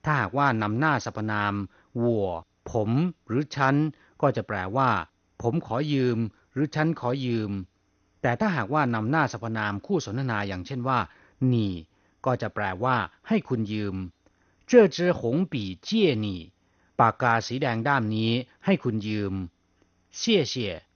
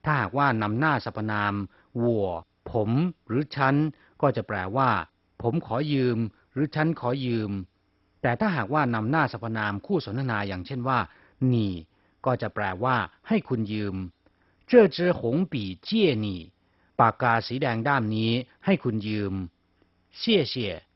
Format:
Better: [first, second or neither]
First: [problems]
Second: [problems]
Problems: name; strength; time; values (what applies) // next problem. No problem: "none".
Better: first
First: garbled, watery; slightly; nothing above 6.5 kHz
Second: garbled, watery; badly; nothing above 5.5 kHz